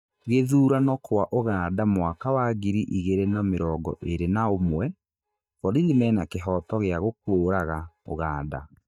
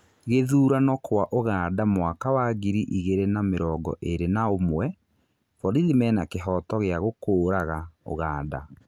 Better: second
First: noise reduction (neural mask model DeepFilterNet 3)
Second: none

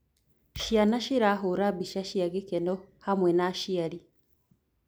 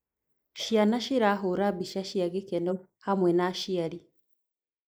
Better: first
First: none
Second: noise reduction (neural mask model Resemble Enhance denoiser)

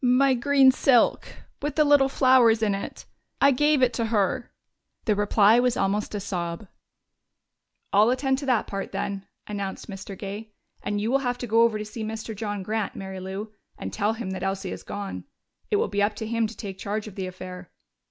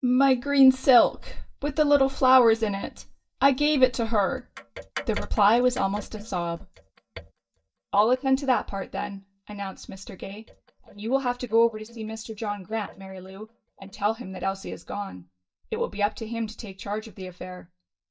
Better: first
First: none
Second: noise reduction (neural mask model DeepFilterNet 3)

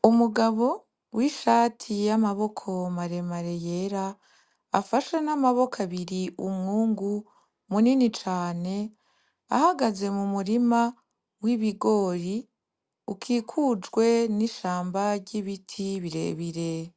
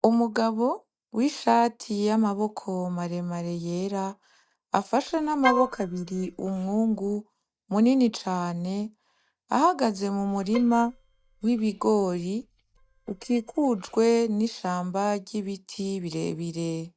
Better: first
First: none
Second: noise reduction (neural mask model DeepFilterNet 3)

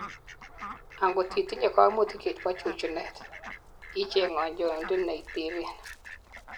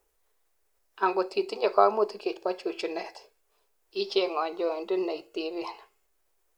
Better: second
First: background sound (Fowl); 14 dB below the speech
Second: none

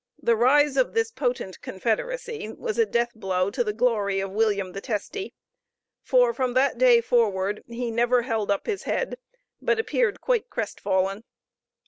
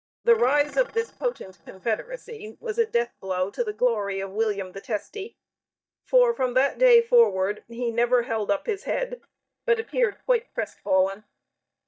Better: first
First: none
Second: noise reduction (neural mask model DeepFilterNet 3)

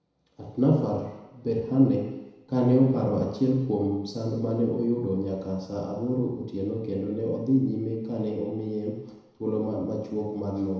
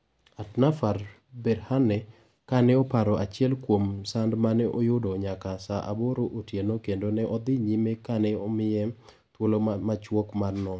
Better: second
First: room echo; dies away in 1 s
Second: none

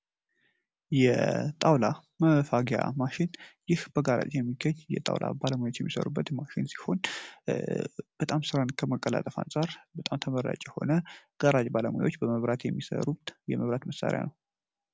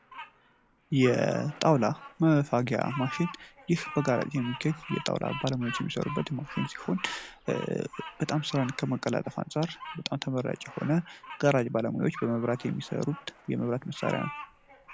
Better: first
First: none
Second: background sound (Bird vocalization, bird call, bird song); 15 dB below the speech

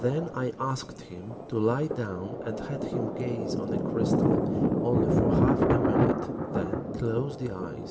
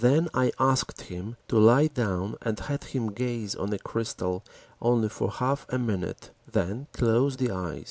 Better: second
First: background sound (Thunder); 4 dB above the speech // room echo; dies away in 1 s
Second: none

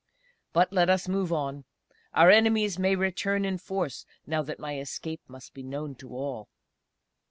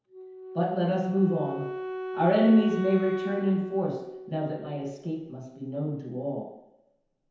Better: first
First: none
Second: background sound (Wind instrument, woodwind instrument); 10 dB below the speech // room echo; dies away in 1 s

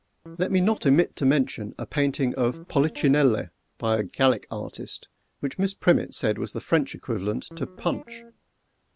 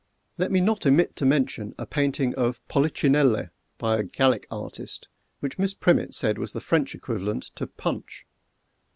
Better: second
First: background sound (Guitar); 19 dB below the speech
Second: none

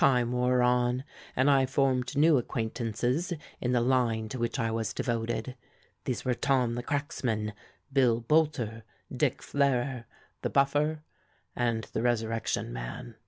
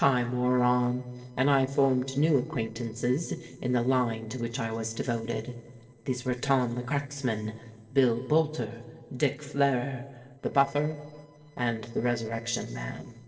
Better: first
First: none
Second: noise reduction (neural separator model SepFormer DNS4)

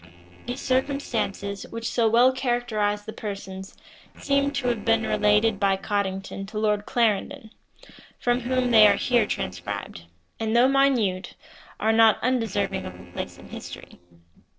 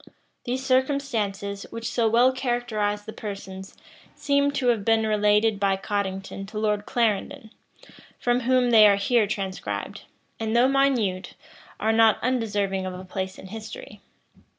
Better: second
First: noise reduction (neural separator model SepFormer DNS4)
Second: none

